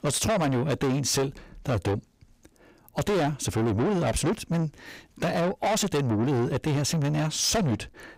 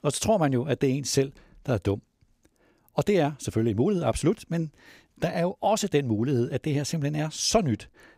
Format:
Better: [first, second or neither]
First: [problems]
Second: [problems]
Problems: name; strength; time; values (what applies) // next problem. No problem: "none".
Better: second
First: distortion; heavy; 6 dB below the speech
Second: none